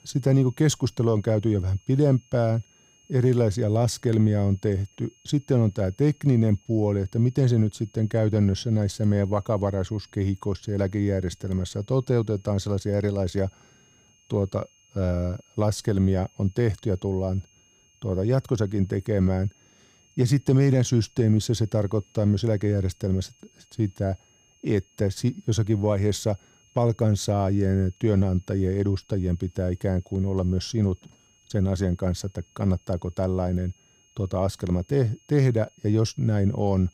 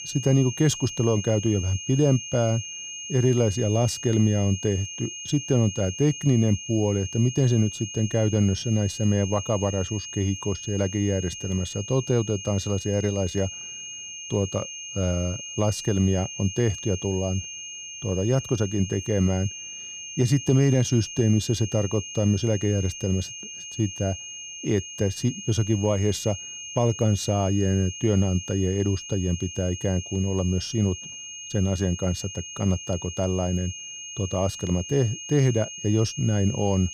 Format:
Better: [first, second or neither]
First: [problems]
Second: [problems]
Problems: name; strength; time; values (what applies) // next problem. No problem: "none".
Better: first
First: high-pitched whine; faint; throughout; 6.5 kHz, 35 dB below the speech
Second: high-pitched whine; loud; throughout; 6.5 kHz, 10 dB below the speech